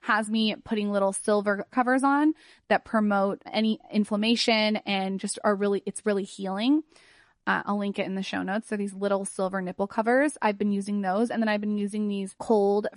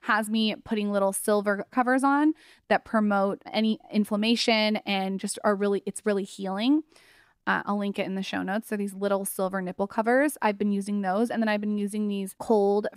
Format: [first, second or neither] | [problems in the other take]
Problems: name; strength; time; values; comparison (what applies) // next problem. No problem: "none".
second | garbled, watery; slightly; nothing above 10.5 kHz